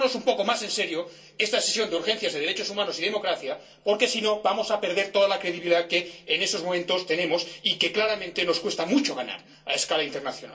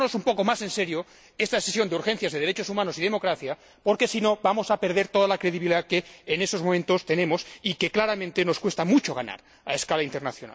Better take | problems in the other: second | room echo; dies away in 0.2 s

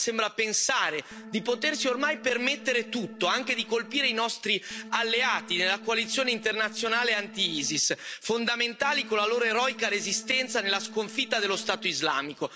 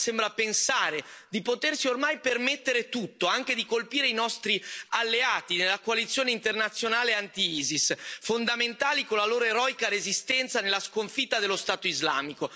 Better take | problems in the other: second | background sound (Organ); 16 dB below the speech

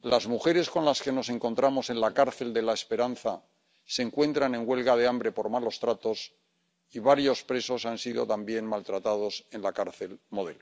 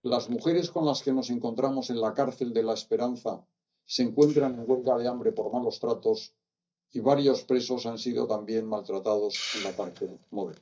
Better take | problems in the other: first | noise reduction (neural mask model DeepFilterNet 3)

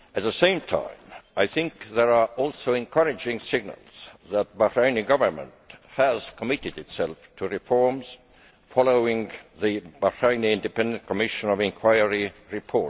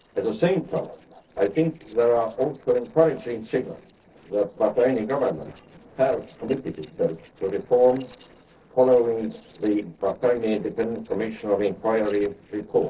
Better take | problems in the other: first | noise reduction (neural separator model SepFormer DNS4)

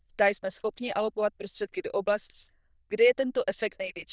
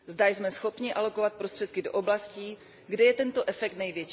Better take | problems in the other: second | noise reduction (neural diffusion model UNIVERSE++)

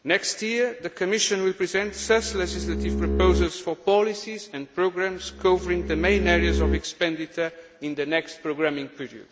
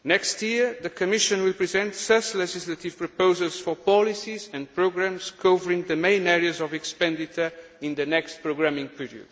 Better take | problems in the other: second | background sound (Bowed string instrument); 1 dB below the speech

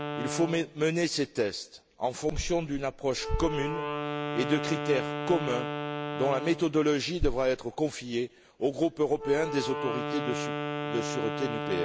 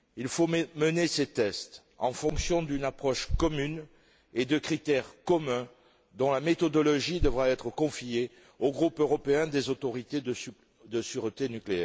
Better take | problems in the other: second | background sound (Wind instrument, woodwind instrument); 6 dB below the speech

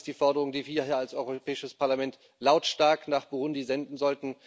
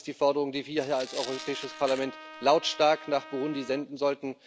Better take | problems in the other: first | background sound (Tearing + Trumpet); 15 dB below the speech

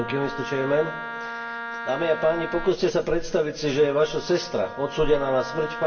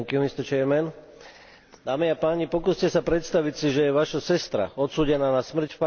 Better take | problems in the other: second | background sound (Wind instrument, woodwind instrument); 10 dB below the speech // room echo; dies away in 0.7 s

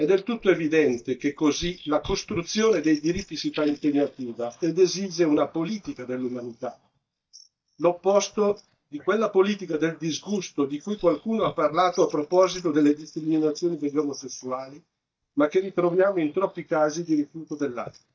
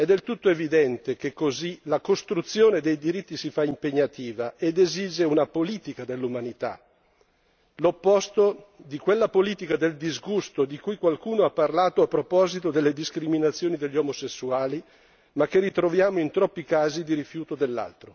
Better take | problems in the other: second | noise reduction (neural mask model DeepFilterNet 3)

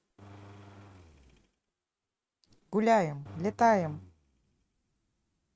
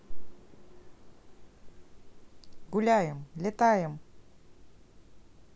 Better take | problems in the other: second | noise reduction (neural mask model RNNoise)

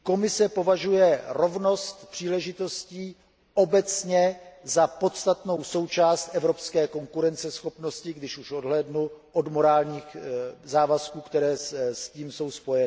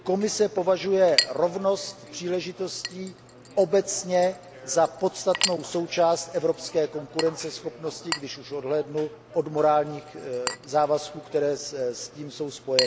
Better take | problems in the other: first | background sound (Chink, clink); 10 dB below the speech

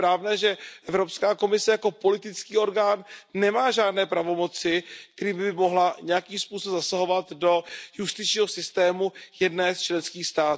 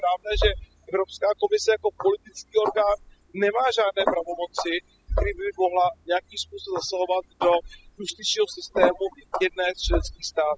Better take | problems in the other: first | noise reduction (classical method spectral subtraction)

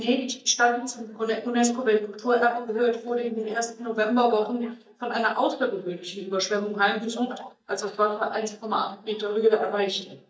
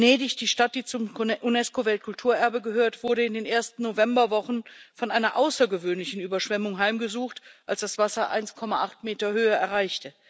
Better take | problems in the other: second | noise reduction (neural mask model DeepFilterNet 3)

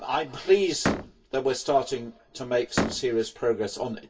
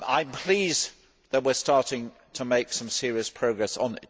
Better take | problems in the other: second | background sound (Slam); 5 dB below the speech // room echo; dies away in 0.1 s

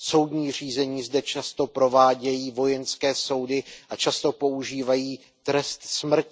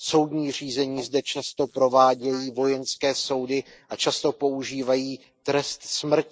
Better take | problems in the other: first | noise reduction (neural mask model Resemble Enhance denoiser)

